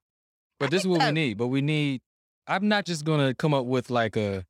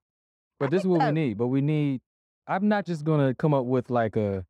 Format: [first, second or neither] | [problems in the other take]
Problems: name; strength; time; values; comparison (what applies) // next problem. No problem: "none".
first | muffled; slightly; fading above 2 kHz